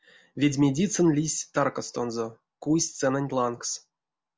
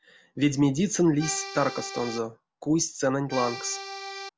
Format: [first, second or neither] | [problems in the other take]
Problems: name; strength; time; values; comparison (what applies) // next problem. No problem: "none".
first | background sound (Accordion); 9 dB below the speech